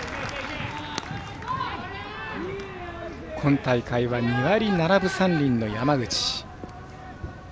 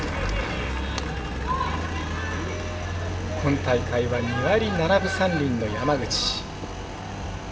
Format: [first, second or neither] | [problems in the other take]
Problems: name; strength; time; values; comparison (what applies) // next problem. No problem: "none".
first | background sound (Engine); 4 dB below the speech // room echo; dies away in 2.1 s